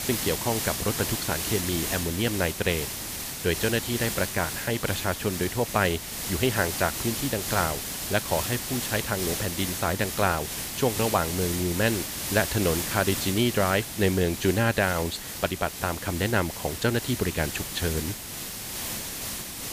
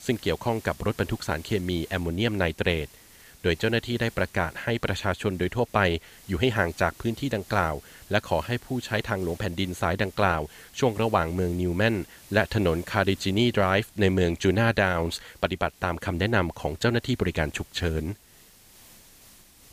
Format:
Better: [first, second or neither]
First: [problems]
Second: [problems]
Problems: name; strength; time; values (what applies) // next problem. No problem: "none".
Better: second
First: hiss; loud; throughout; 3 dB below the speech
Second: hiss; faint; throughout; 25 dB below the speech